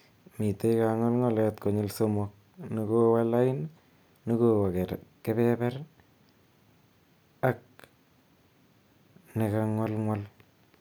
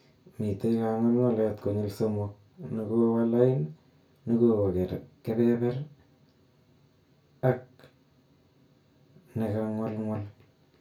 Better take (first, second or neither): first